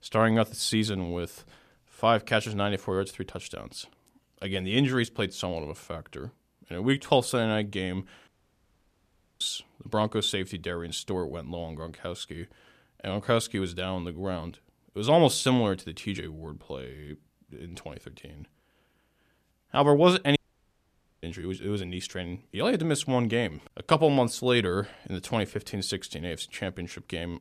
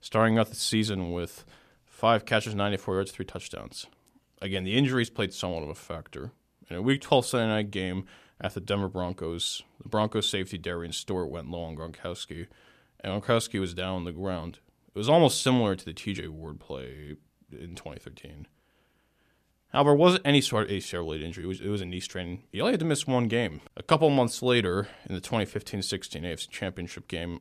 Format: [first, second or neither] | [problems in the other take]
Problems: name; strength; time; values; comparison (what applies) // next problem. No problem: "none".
second | audio cutting out; at 8.5 s for 1 s and at 20 s for 1 s